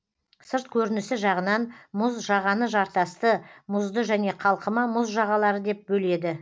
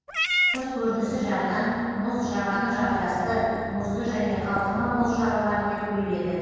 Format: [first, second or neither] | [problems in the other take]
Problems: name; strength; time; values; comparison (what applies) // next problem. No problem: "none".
first | background sound (Meow / Purr); 7 dB below the speech // room echo; dies away in 2.1 s